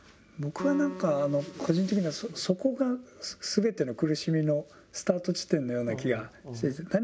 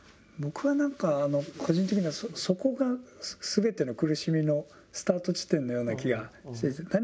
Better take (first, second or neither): second